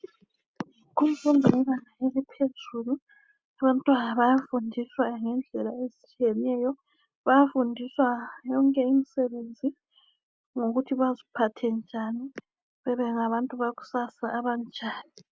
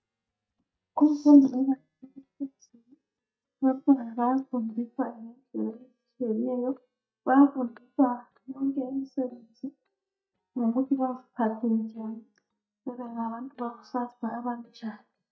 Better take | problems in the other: first | noise reduction (neural mask model DeepFilterNet 3)

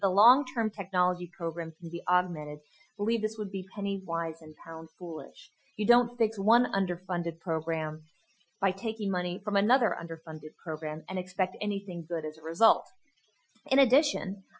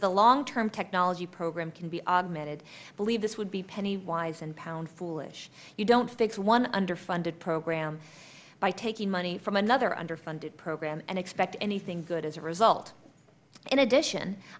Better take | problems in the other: second | noise reduction (classical method Wiener filter)

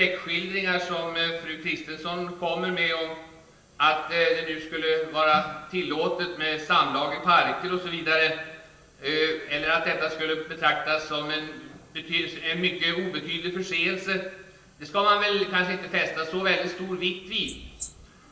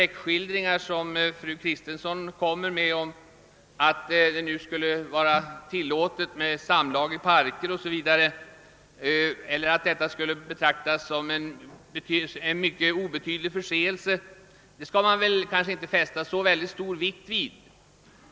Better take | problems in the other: second | background sound (Wild animals); 13 dB below the speech // room echo; dies away in 0.9 s

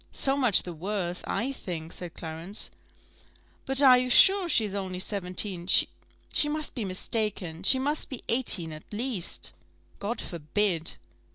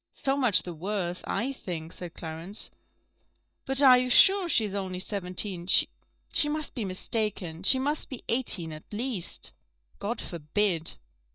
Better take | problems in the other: first | noise reduction (neural mask model DeepFilterNet 3)

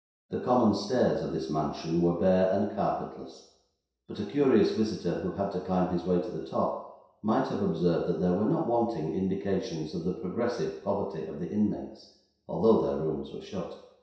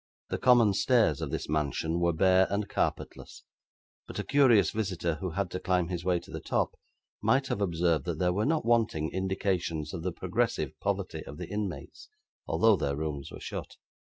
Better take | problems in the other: second | room echo; dies away in 0.7 s

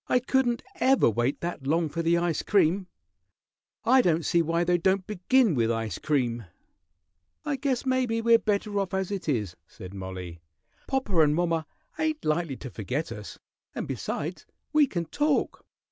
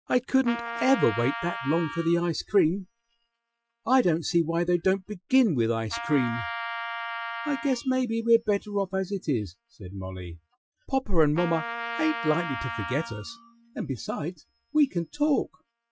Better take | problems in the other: first | noise reduction (classical method Wiener filter)

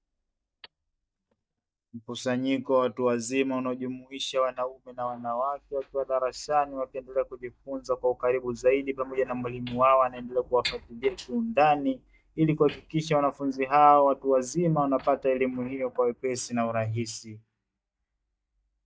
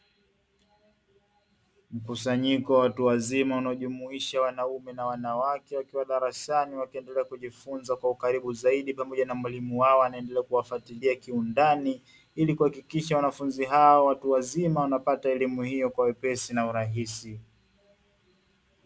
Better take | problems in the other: second | noise reduction (neural mask model DeepFilterNet 3)

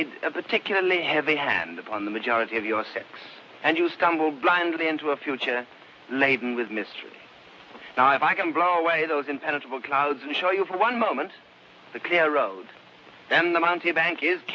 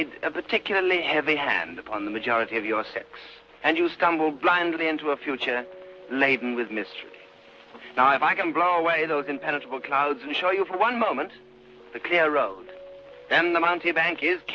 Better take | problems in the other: first | noise reduction (neural separator model SepFormer DNS4)

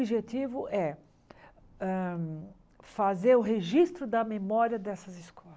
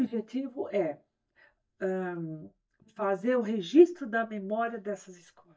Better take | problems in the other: first | noise reduction (neural mask model DeepFilterNet 3)

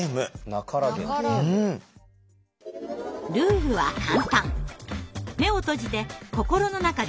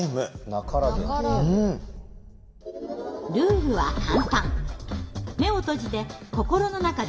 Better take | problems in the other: first | background sound (Boom); 8 dB below the speech // room echo; dies away in 1.4 s

